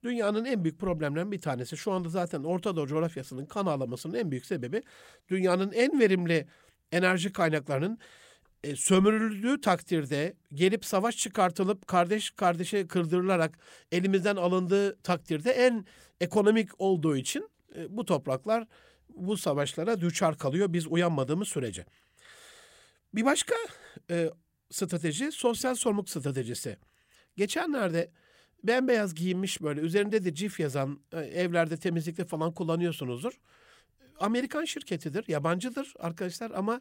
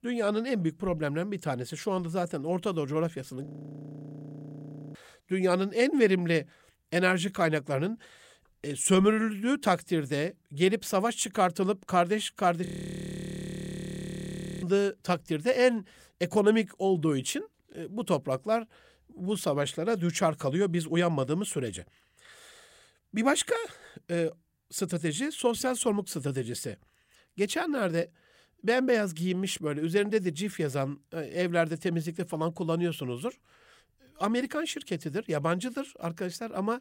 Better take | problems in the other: first | audio freezing; at 3.5 s for 1.5 s and at 13 s for 2 s

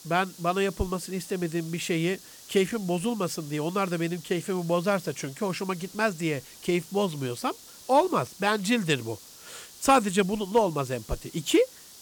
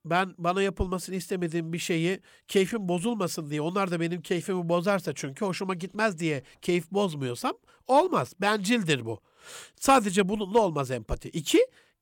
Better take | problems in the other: second | hiss; noticeable; throughout; 20 dB below the speech

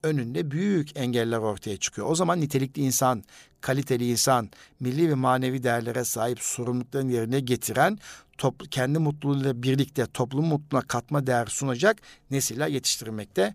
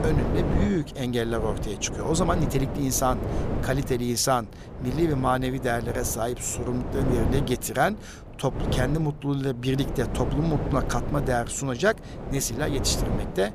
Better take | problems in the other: first | wind noise on the microphone; heavy; 8 dB below the speech

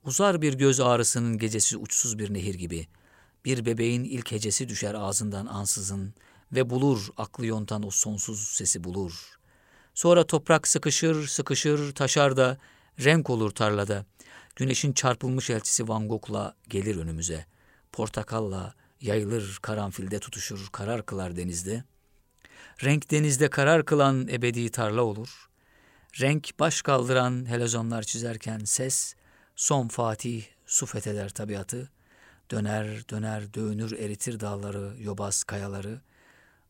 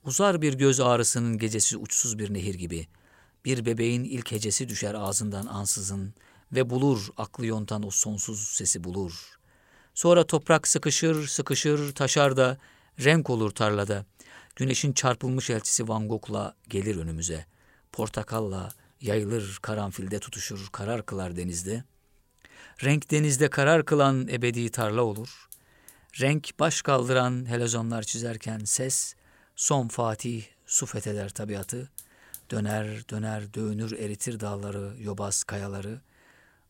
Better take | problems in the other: first | hiss; faint; throughout; 20 dB below the speech

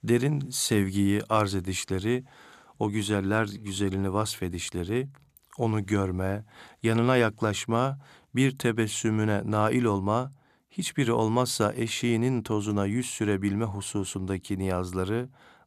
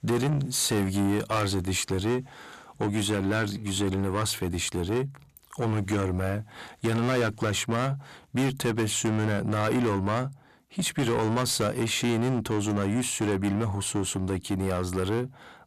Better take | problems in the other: first | distortion; heavy; 6 dB below the speech

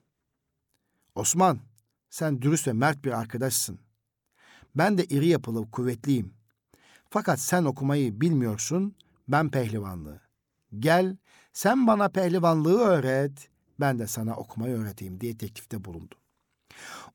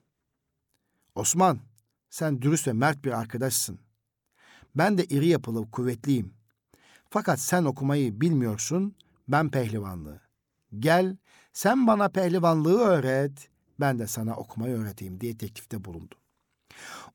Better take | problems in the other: neither | none

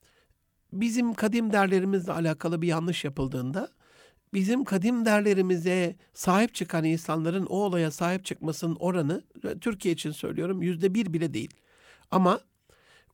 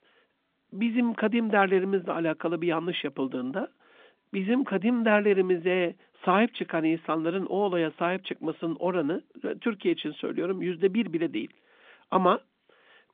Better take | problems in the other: first | phone-call audio

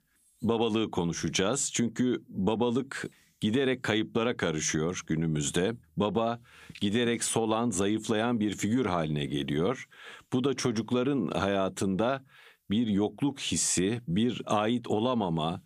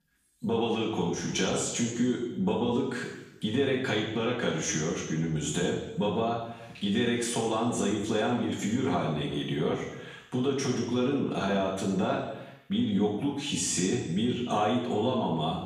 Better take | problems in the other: first | room echo; noticeable; dies away in 0.9 s // off-mic speech; far

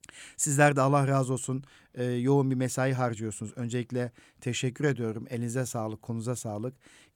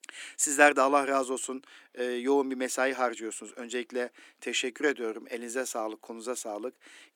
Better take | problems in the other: first | thin; somewhat; fading below 300 Hz

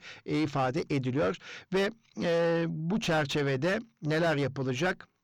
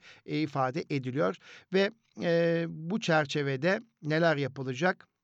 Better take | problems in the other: second | distortion; heavy; 6 dB below the speech

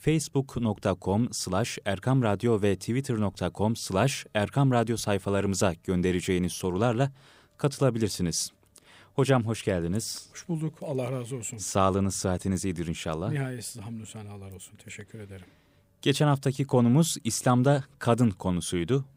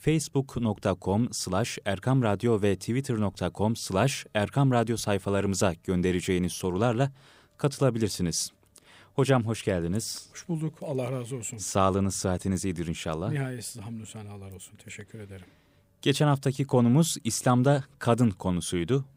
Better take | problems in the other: neither | none

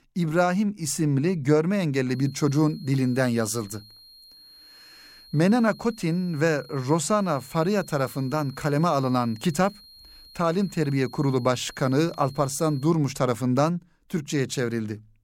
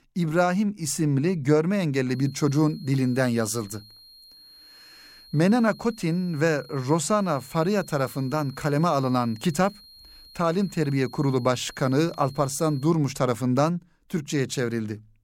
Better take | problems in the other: neither | high-pitched whine; faint; from 2 to 13 s; 4 kHz, 25 dB below the speech; the same in both

